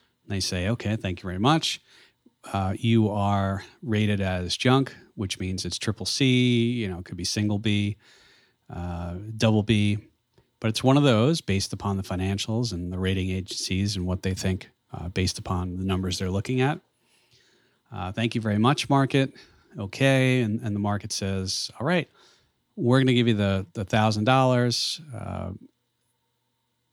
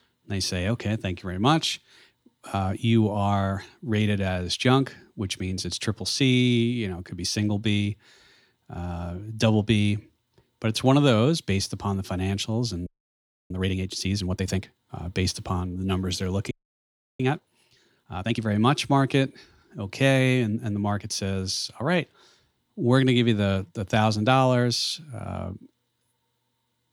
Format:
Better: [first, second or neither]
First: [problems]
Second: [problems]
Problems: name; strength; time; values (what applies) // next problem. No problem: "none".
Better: first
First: none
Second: audio freezing; at 13 s for 0.5 s and at 17 s for 0.5 s